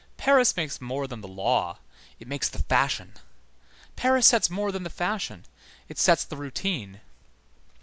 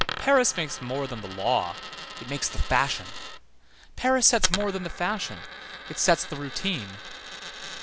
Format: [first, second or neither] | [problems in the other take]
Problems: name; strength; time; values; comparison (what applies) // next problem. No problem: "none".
first | background sound (Coin (dropping)); 8 dB below the speech